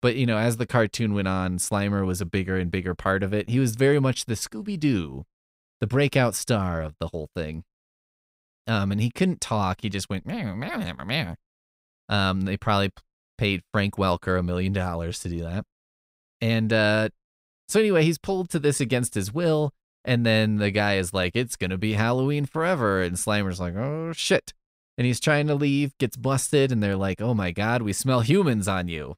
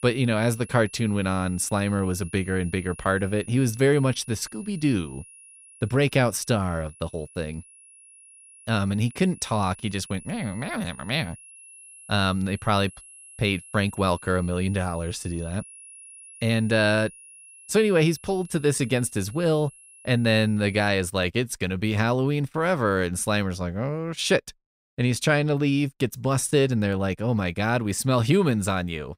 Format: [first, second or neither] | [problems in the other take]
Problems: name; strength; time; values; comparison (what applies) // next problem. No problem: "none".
first | high-pitched whine; faint; until 21 s; 10.5 kHz, 20 dB below the speech